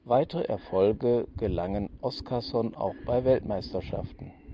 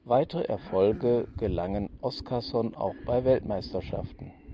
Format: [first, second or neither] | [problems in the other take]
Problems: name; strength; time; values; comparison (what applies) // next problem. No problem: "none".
first | background sound (Cough); 19 dB below the speech